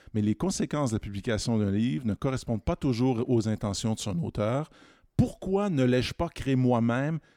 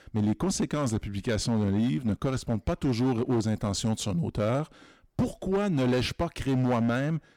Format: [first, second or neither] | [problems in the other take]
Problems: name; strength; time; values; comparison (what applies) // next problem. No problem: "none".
first | distortion; slight; 10% of the sound clipped